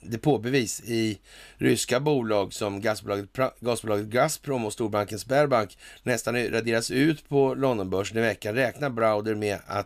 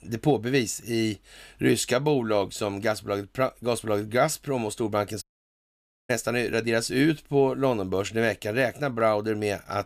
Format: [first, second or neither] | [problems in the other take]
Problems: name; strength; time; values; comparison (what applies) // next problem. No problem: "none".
first | audio cutting out; at 5 s for 1 s